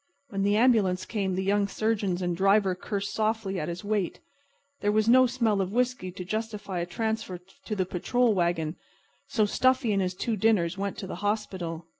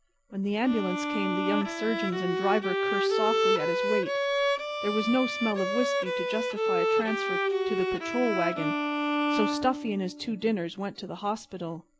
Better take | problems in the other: first | background sound (Bowed string instrument); 1 dB above the speech

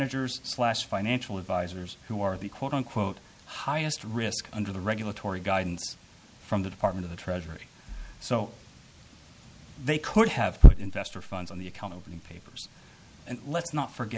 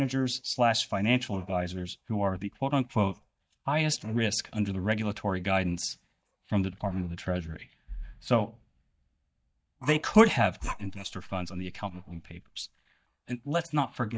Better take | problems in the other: first | noise reduction (neural mask model DeepFilterNet 3)

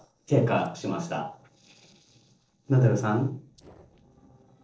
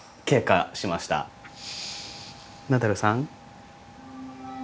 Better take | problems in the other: second | noise reduction (neural separator model SepFormer DNS4)

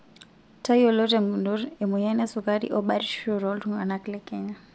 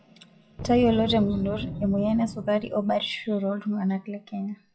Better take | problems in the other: first | noise reduction (classical method WPE with log-MMSE)

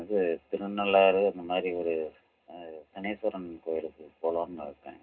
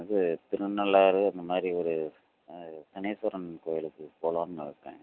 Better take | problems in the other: second | room echo; dies away in 0.2 s

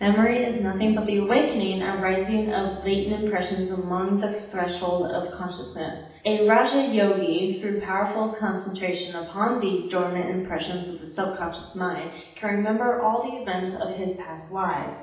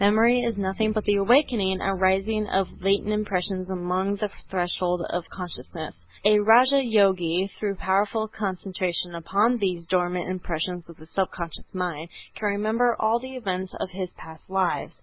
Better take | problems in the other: second | room echo; dies away in 0.8 s

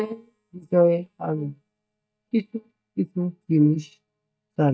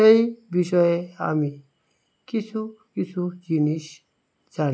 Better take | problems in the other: second | noise reduction (neural mask model DeepFilterNet 3)

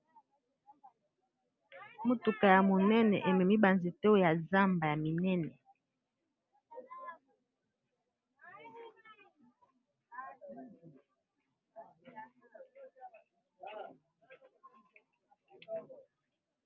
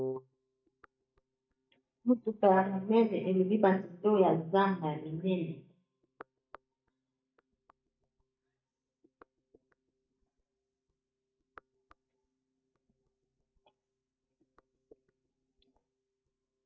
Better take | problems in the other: first | noise reduction (neural mask model DeepFilterNet 3)

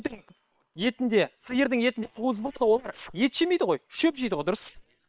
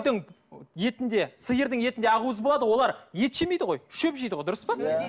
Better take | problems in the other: second | noise reduction (neural separator model SepFormer WHAM!)

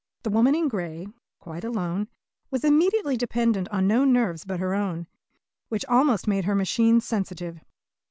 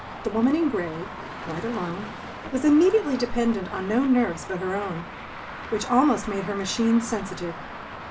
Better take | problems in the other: first | background sound (Traffic noise, roadway noise); 12 dB below the speech // room echo; dies away in 0.2 s

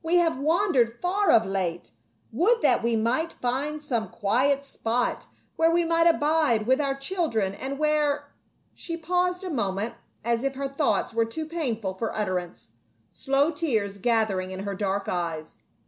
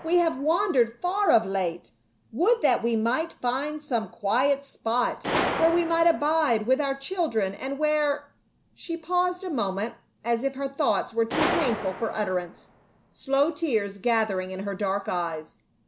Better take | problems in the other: first | background sound (Gunshot, gunfire); 12 dB below the speech

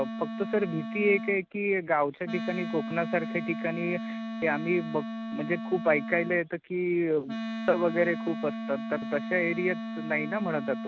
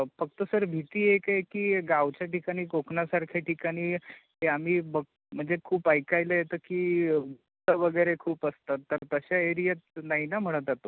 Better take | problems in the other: second | background sound (Wind instrument, woodwind instrument); 6 dB below the speech

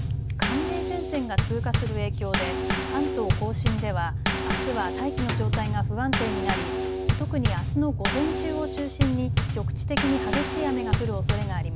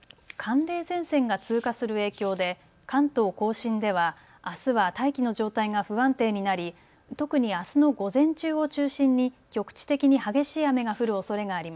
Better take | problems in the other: second | background sound (Bass drum / Snare drum / Drum kit); 4 dB above the speech

